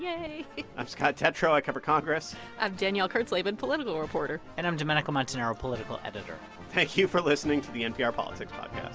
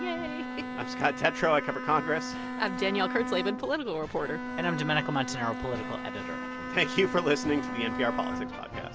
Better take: first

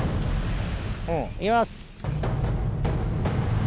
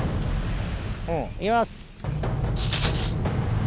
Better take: first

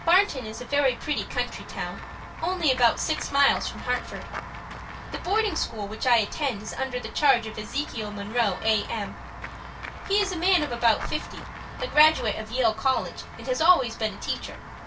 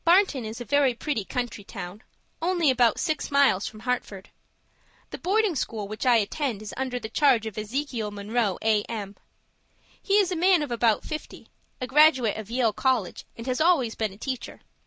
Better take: second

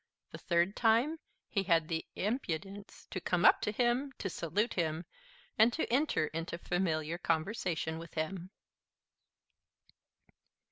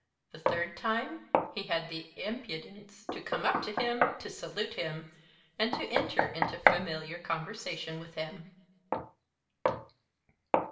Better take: first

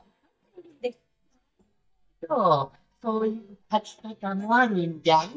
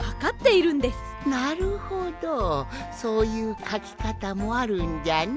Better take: second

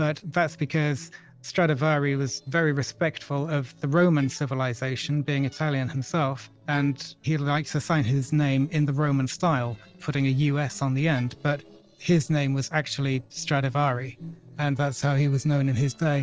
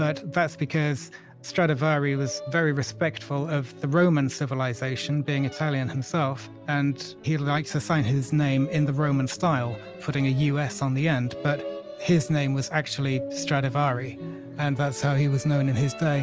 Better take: second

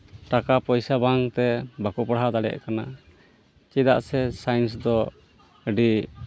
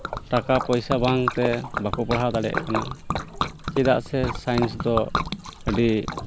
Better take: first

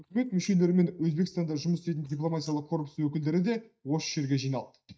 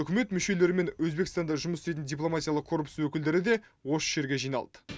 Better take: second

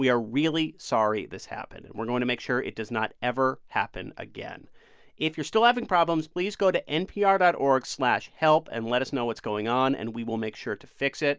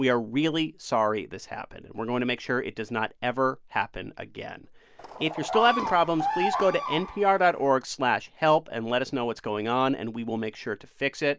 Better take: first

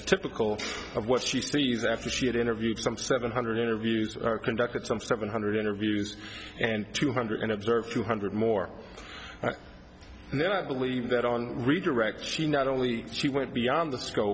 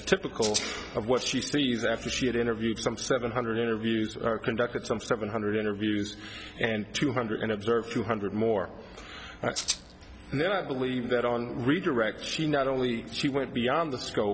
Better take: first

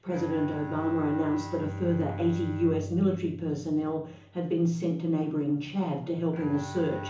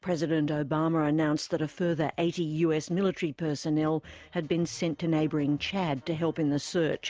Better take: second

